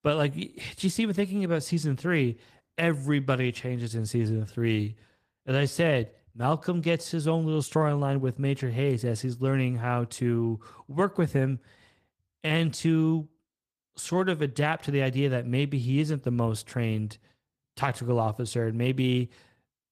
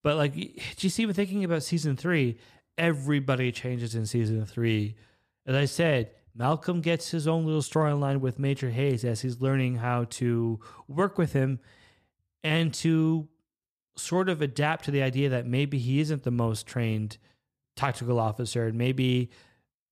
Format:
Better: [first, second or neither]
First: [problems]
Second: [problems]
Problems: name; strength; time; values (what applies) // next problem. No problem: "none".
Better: second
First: garbled, watery; slightly; nothing above 14.5 kHz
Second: none